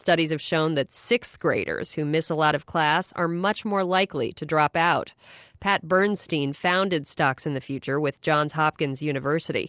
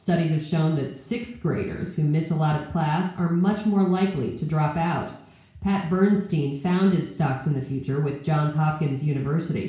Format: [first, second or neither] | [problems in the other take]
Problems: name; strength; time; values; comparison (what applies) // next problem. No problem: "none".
first | room echo; dies away in 0.6 s